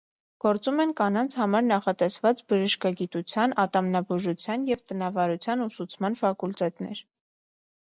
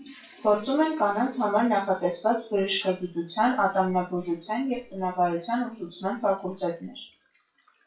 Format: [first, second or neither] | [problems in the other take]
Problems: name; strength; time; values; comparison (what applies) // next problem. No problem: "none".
first | noise reduction (classical method WPE with log-MMSE)